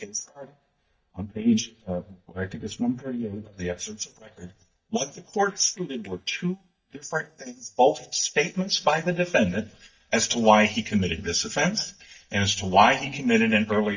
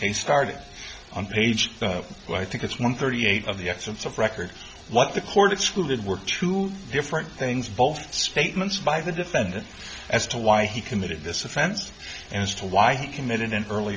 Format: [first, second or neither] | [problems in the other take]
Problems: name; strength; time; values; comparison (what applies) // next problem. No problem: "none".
second | noise reduction (neural mask model DeepFilterNet 3)